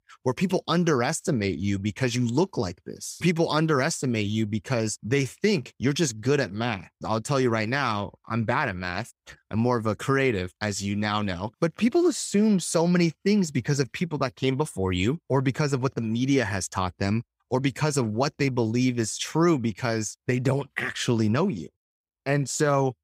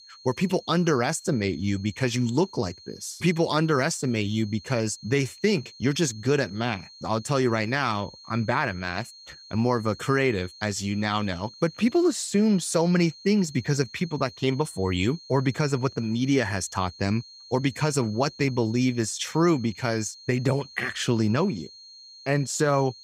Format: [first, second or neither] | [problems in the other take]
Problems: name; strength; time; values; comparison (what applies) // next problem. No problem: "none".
first | high-pitched whine; noticeable; throughout; 4 kHz, 20 dB below the speech